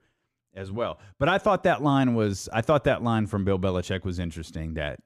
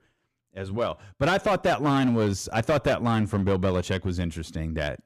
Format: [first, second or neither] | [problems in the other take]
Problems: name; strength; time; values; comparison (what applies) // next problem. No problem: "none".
first | distortion; slight; 8% of the sound clipped